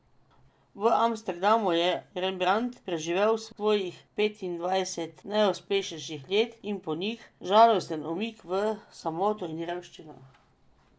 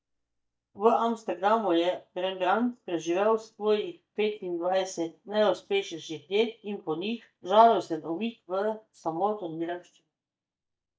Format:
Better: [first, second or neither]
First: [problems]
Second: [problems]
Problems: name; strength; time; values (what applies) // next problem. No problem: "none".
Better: first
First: none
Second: noise reduction (neural mask model DeepFilterNet 3)